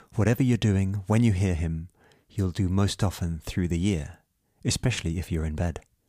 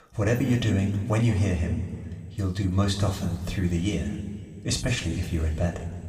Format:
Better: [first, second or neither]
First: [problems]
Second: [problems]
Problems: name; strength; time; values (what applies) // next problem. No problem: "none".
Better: first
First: none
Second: room echo; noticeable; dies away in 1.9 s // off-mic speech; somewhat distant